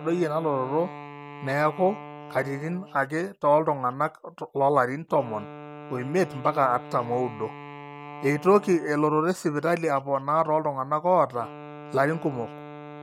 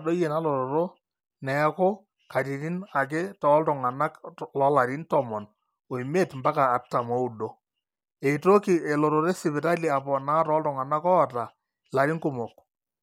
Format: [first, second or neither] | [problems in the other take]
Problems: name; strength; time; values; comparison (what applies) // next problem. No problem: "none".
second | background sound (Wind instrument, woodwind instrument); 17 dB below the speech